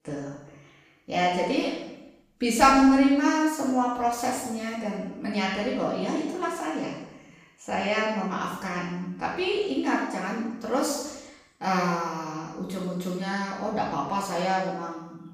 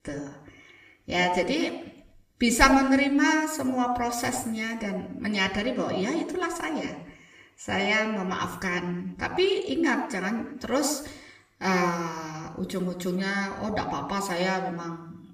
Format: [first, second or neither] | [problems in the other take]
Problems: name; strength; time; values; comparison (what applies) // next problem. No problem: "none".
second | room echo; strong; dies away in 0.9 s; slight in the second // off-mic speech; far; somewhat distant in the second